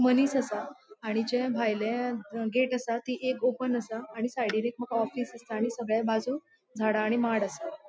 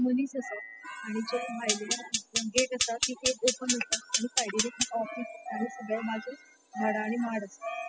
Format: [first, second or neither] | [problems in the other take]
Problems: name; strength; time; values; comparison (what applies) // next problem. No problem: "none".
first | noise reduction (classical method spectral subtraction)